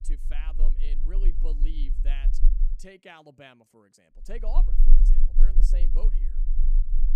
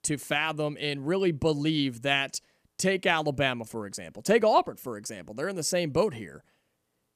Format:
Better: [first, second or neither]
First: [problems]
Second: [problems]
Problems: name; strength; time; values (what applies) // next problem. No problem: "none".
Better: second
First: low rumble; loud; until 2.5 s and from 4.5 s on; 9 dB below the speech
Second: none